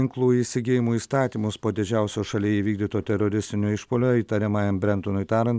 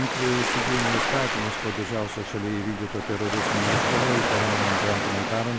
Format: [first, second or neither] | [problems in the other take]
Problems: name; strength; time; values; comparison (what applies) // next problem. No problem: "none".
first | background sound (Waves, surf); 2 dB above the speech